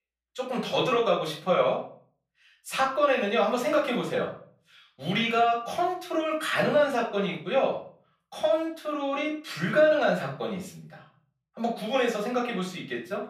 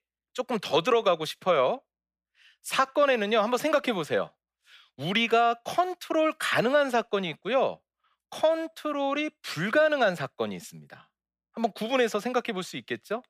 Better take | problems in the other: second | off-mic speech; far // room echo; slight; dies away in 0.4 s

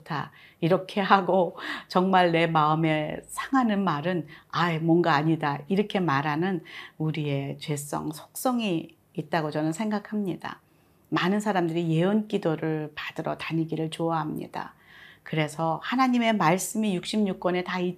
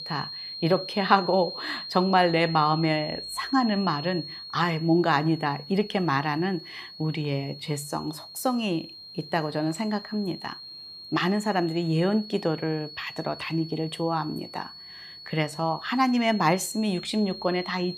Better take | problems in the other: first | high-pitched whine; noticeable; throughout; 4 kHz, 10 dB below the speech

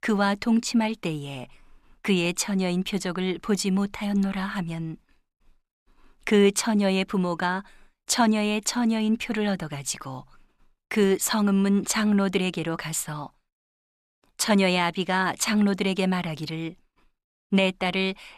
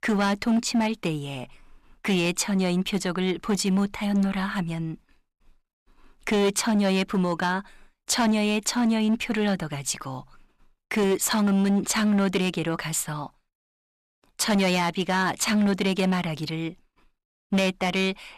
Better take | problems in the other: first | distortion; slight; 8% of the sound clipped

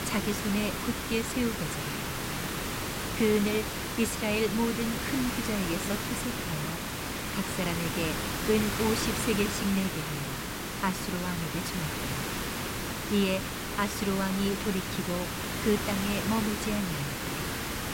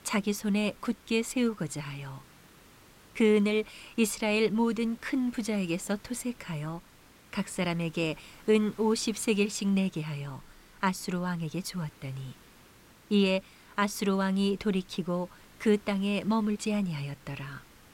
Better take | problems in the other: second | hiss; loud; throughout; 1 dB below the speech; faint in the second

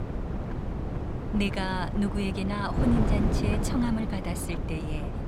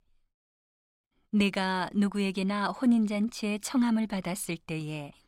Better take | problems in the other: second | wind noise on the microphone; heavy; 3 dB below the speech

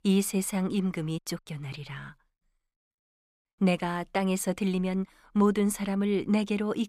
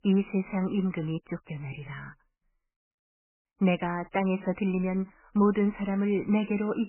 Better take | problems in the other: first | garbled, watery; badly; nothing above 3 kHz

